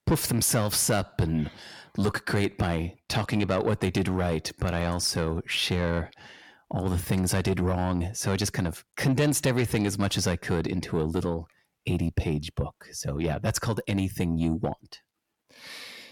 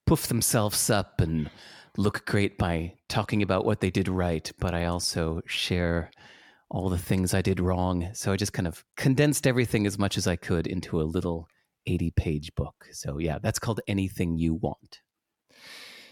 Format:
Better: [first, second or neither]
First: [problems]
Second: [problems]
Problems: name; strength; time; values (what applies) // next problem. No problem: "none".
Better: second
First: distortion; slight; 10 dB below the speech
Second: none